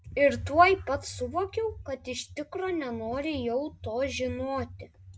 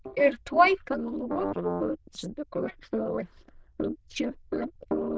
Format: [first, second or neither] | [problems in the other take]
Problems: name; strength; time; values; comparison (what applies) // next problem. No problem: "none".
first | noise reduction (neural diffusion model UNIVERSE++)